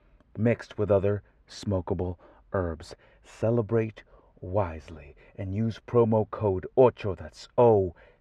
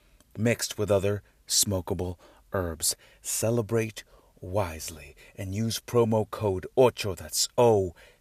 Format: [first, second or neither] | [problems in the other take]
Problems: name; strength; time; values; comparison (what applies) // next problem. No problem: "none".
second | muffled; very; fading above 1.5 kHz